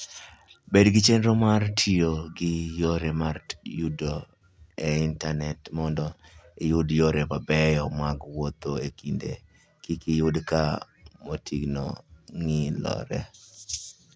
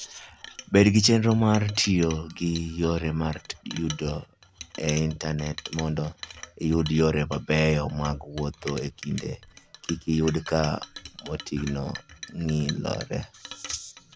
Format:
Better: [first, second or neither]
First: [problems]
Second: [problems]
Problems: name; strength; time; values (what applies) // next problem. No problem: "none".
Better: first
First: none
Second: background sound (Chink, clink); 17 dB below the speech